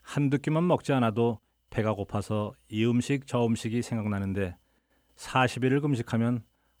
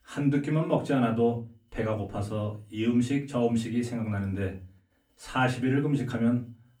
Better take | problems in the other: first | off-mic speech; far // room echo; very slight; dies away in 0.3 s

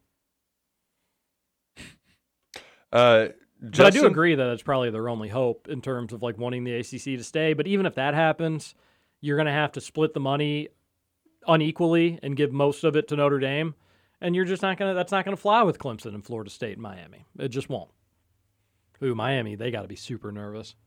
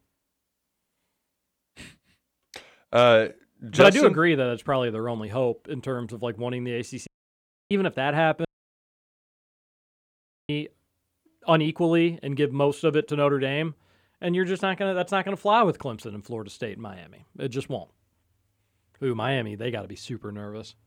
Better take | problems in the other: first | audio cutting out; at 7 s for 0.5 s and at 8.5 s for 2 s

